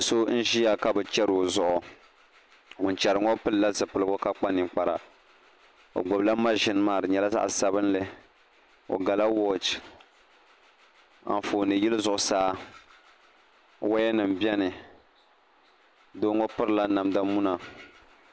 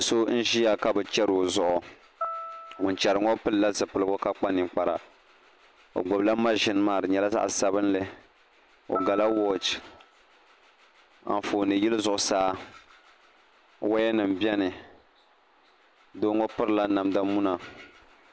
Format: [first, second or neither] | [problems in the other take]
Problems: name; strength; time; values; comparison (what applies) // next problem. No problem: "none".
first | background sound (Piano); 13 dB below the speech